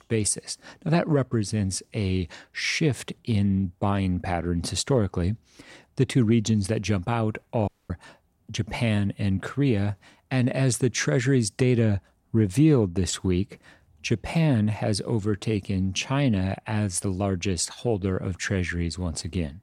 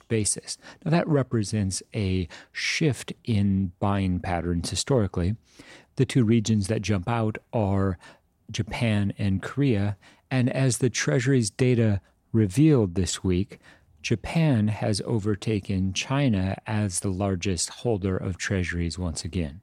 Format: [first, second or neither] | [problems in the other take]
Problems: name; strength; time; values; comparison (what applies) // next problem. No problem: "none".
second | audio cutting out; at 7.5 s